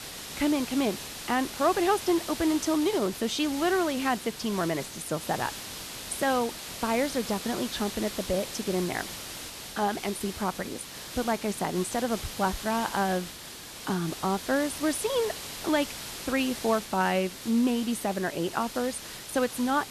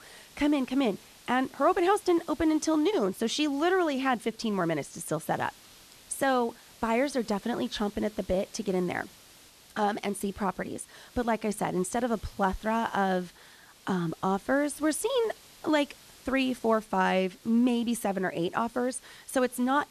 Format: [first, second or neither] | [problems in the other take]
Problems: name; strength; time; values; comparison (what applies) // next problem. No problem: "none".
second | hiss; loud; throughout; 9 dB below the speech; faint in the second